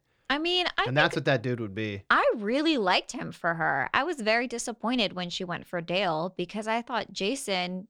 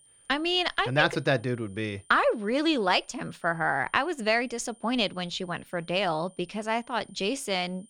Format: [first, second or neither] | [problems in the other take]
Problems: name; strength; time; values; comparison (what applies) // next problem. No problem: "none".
first | high-pitched whine; faint; throughout; 9 kHz, 30 dB below the speech